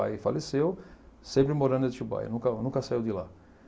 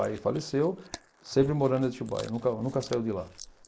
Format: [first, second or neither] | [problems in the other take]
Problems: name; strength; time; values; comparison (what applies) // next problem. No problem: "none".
first | noise reduction (neural mask model Resemble Enhance denoiser)